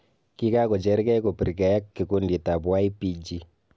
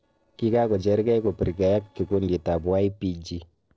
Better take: first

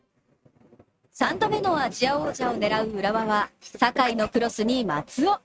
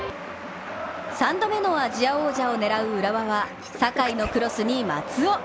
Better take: second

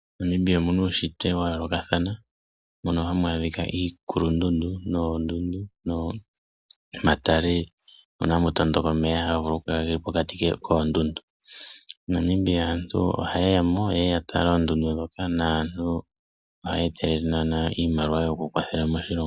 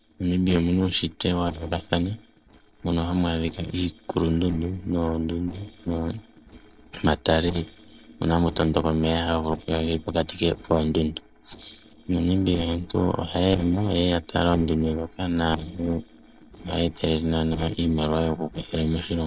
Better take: first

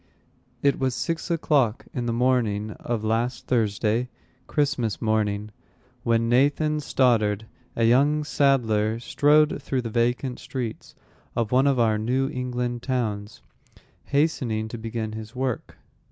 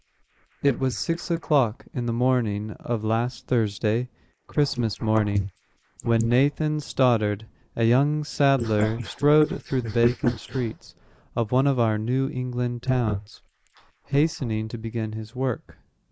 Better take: first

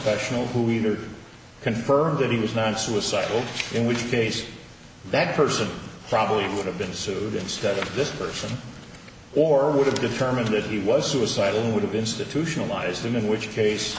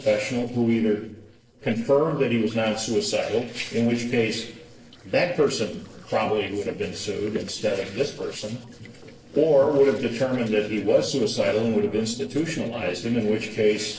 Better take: first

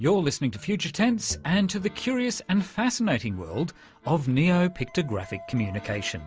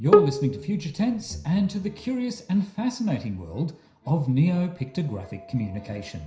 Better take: first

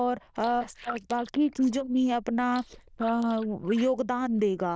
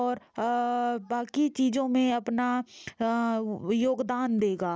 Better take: second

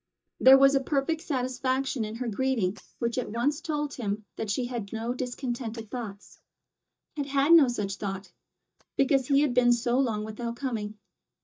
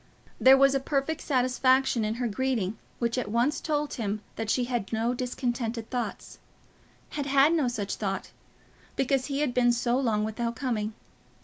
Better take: second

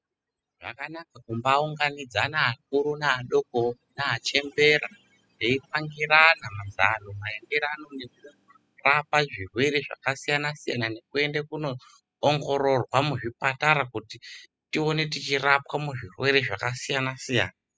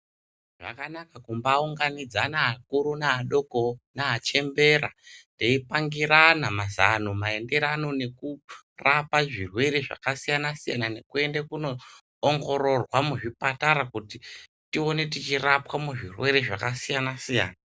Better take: second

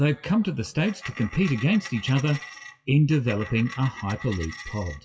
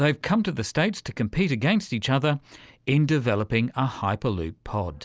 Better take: second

